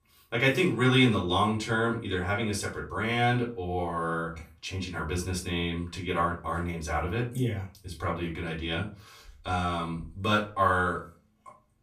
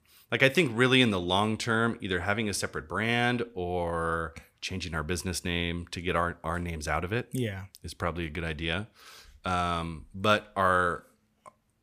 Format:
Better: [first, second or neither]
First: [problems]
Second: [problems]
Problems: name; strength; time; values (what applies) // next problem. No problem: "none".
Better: second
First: off-mic speech; far // room echo; very slight; dies away in 0.3 s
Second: none